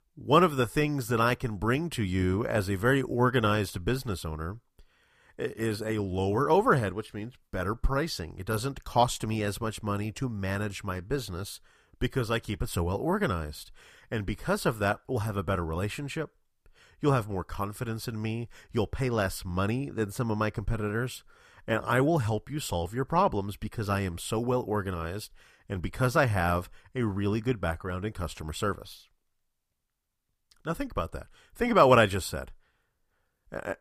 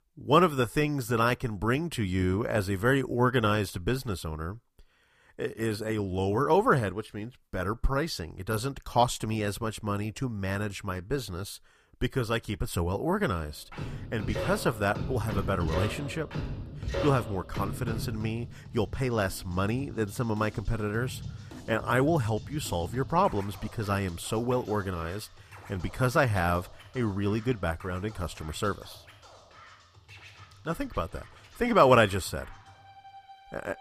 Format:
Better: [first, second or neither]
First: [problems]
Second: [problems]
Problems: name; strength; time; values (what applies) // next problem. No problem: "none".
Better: first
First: none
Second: background music; noticeable; from 14 s on; 10 dB below the speech